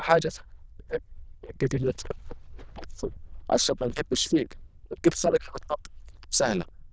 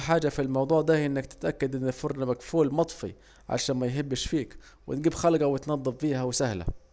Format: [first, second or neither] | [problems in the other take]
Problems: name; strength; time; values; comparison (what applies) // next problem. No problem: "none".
second | noise reduction (neural diffusion model UNIVERSE++)